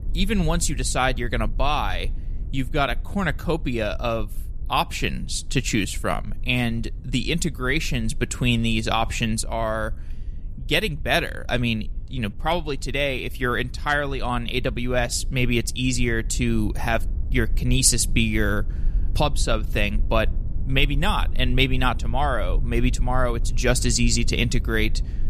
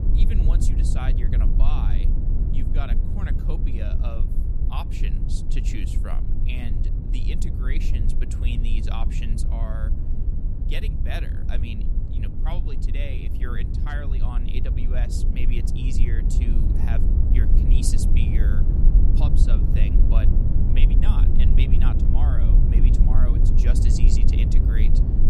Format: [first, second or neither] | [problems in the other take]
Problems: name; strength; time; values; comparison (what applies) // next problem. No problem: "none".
first | low rumble; loud; throughout; 1 dB below the speech; faint in the first